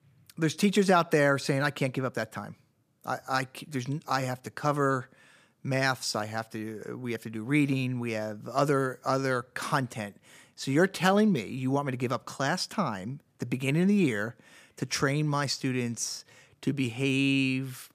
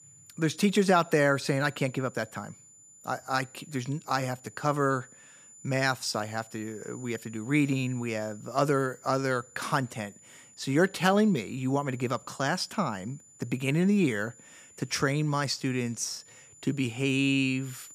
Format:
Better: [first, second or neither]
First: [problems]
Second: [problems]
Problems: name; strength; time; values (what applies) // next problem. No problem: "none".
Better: first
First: none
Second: high-pitched whine; faint; throughout; 7 kHz, 20 dB below the speech